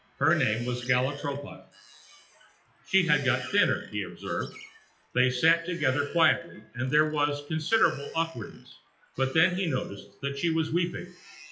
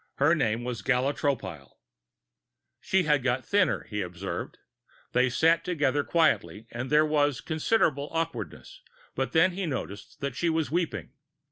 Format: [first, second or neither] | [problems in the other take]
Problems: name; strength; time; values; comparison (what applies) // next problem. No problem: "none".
second | noise reduction (classical method WPE with log-MMSE)